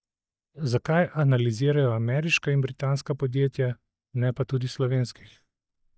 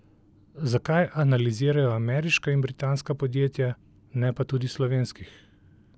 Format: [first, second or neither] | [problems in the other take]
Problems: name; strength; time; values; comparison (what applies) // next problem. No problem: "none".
second | noise reduction (neural mask model DeepFilterNet 3)